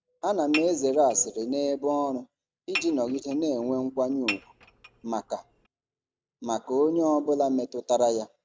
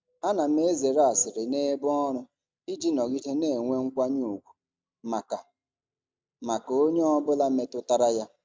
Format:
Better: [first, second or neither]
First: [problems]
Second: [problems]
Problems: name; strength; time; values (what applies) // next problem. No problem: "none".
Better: second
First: background sound (Dishes, pots, and pans / Chink, clink); 12 dB below the speech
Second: none